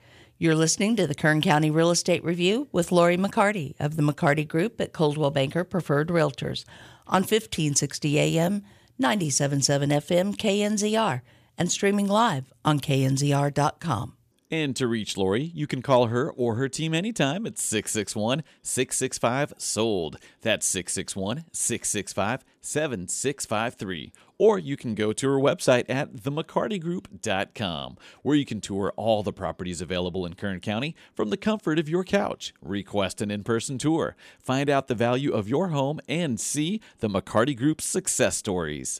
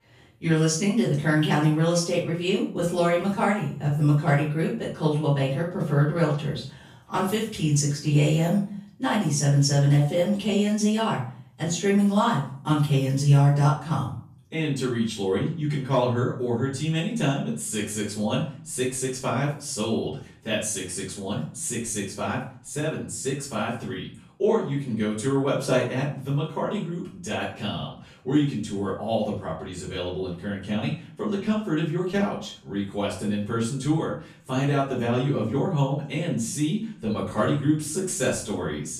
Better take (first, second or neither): first